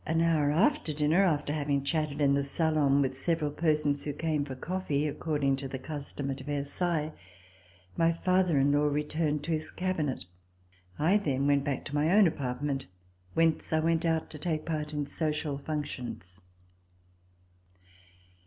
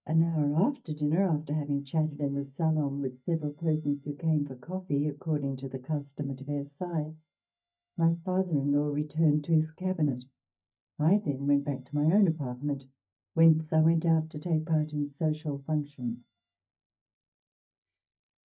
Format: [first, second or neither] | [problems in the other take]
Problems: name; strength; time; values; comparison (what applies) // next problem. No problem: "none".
first | noise reduction (neural mask model DeepFilterNet 3)